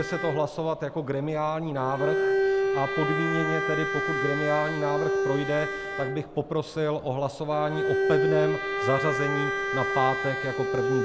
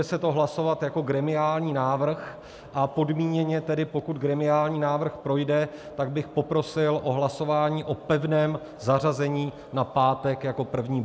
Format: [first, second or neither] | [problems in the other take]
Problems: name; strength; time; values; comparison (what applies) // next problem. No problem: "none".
second | background sound (Bowed string instrument); as loud as the speech